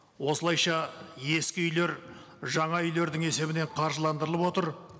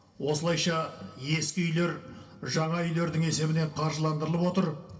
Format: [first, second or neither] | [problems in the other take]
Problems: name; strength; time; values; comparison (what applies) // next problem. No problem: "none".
first | room echo; dies away in 0.2 s